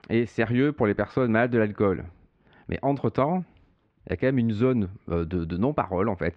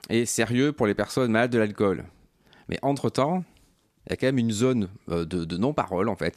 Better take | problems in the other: second | muffled; very; fading above 2.5 kHz

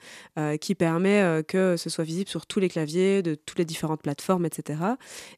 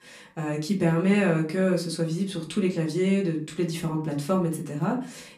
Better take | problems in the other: first | off-mic speech; far // room echo; very slight; dies away in 0.3 s

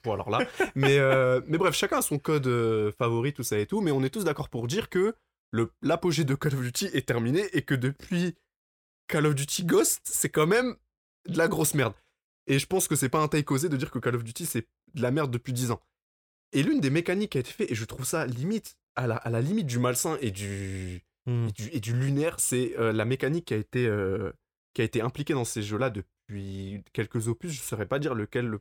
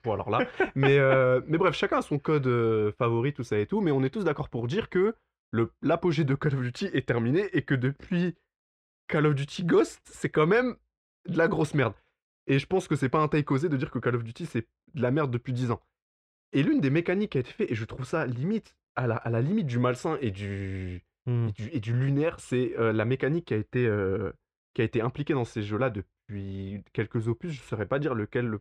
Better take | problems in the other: first | muffled; slightly; fading above 2.5 kHz

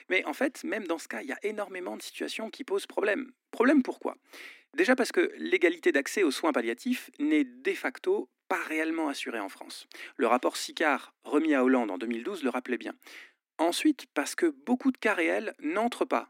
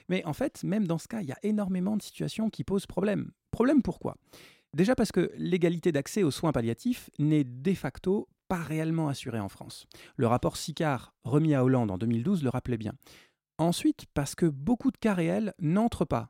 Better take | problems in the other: second | thin; somewhat; fading below 250 Hz

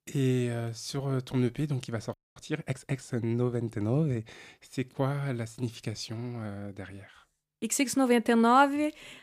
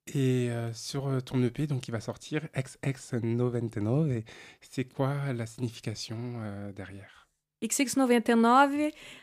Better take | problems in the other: second | audio freezing; at 2 s

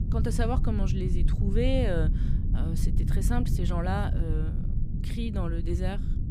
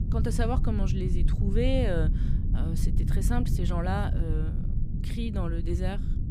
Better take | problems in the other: neither | low rumble; loud; throughout; 7 dB below the speech; the same in both

